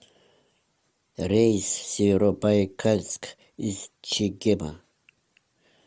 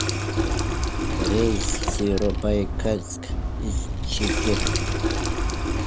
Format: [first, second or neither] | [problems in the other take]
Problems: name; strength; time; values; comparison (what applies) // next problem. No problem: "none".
first | background sound (Wind + Water tap, faucet); 4 dB above the speech